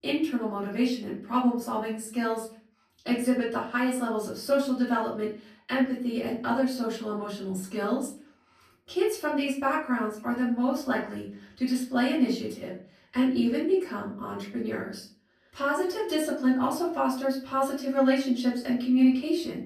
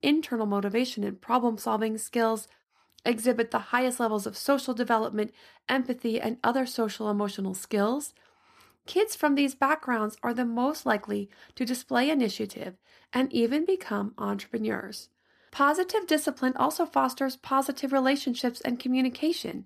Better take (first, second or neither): second